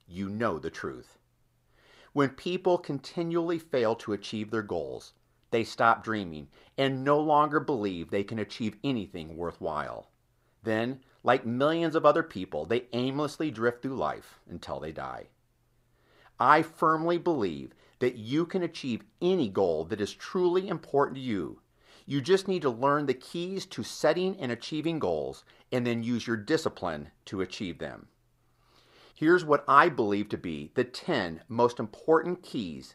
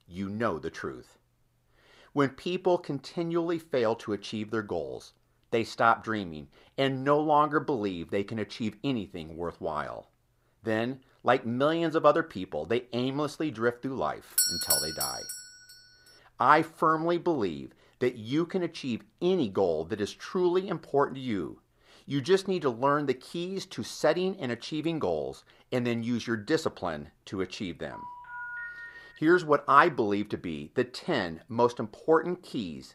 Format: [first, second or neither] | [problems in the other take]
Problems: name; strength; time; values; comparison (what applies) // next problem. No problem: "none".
first | doorbell; loud; at 14 s; peak 6 dB above the speech // phone ringing; noticeable; from 28 to 29 s; peak 8 dB below the speech